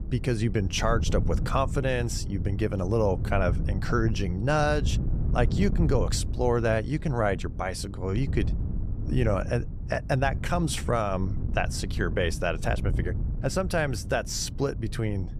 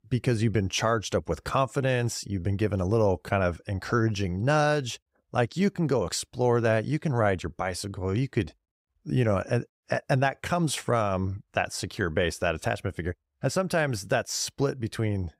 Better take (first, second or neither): second